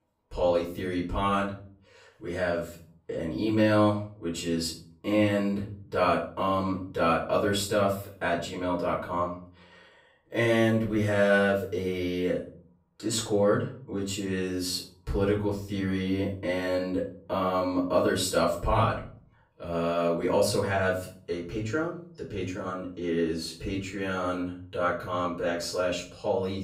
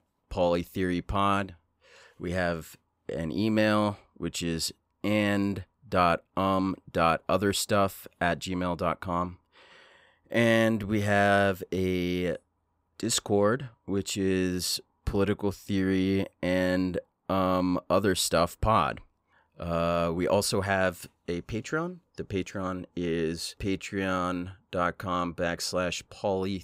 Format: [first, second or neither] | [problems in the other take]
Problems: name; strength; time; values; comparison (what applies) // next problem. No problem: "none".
second | off-mic speech; far // room echo; slight; dies away in 0.4 s